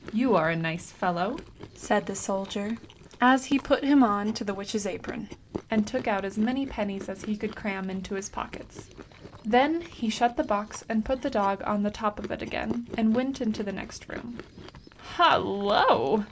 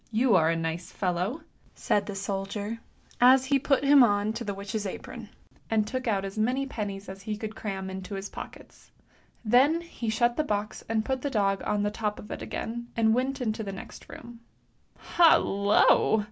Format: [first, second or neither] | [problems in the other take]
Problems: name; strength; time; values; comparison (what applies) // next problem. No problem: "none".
second | background sound (Chewing, mastication); 18 dB below the speech